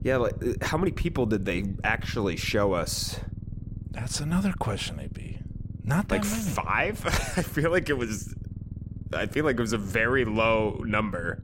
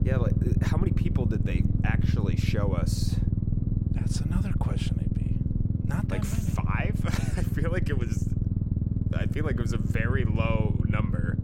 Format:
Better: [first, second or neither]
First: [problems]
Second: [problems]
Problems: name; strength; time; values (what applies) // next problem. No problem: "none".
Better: first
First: low rumble; faint; throughout; 20 dB below the speech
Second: low rumble; loud; throughout; 3 dB below the speech